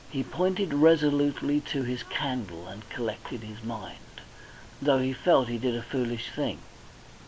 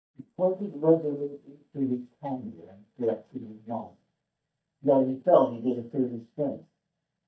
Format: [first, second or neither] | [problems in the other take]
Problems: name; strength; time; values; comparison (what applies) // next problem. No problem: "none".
first | noise reduction (neural mask model DeepFilterNet 3)